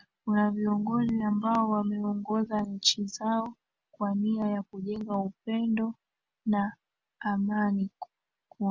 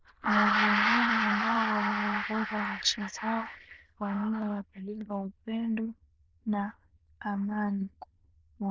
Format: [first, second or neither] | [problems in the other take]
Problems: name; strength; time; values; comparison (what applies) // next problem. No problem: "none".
first | noise reduction (neural diffusion model UNIVERSE++)